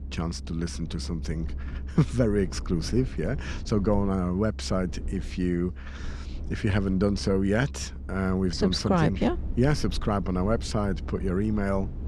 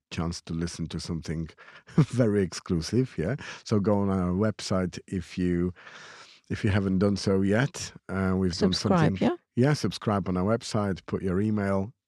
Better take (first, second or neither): second